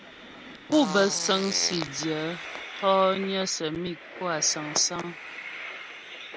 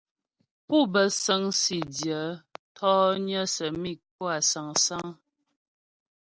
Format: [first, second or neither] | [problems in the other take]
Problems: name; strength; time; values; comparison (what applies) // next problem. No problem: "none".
second | background sound (Fart + Train); 10 dB below the speech